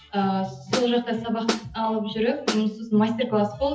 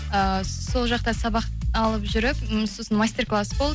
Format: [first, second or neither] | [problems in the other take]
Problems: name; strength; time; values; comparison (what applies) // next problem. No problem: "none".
second | noise reduction (classical method WPE with log-MMSE)